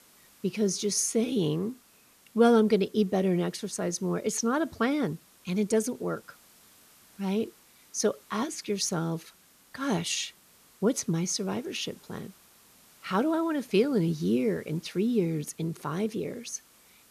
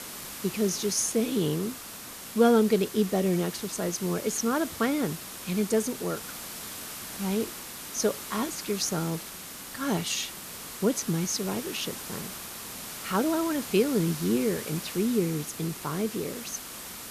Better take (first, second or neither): first